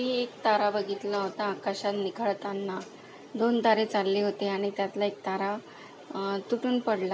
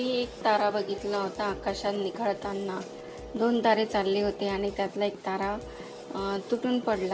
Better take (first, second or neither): first